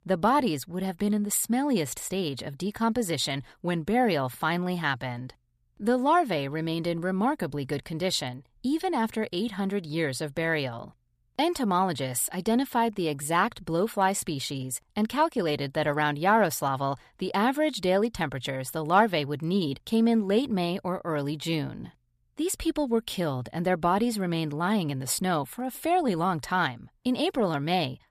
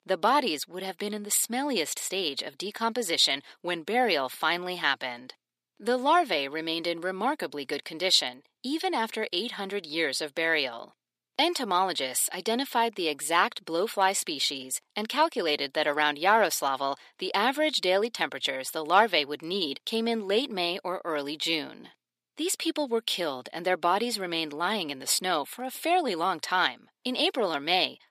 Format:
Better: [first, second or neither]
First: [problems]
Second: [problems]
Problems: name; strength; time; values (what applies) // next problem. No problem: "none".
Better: first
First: none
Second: thin; somewhat; fading below 300 Hz